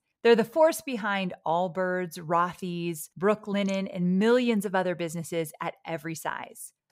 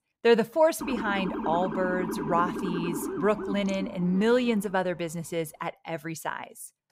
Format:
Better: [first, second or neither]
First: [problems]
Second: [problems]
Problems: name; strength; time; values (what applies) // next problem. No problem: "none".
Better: first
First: none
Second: siren; noticeable; from 1 to 5 s; peak 4 dB below the speech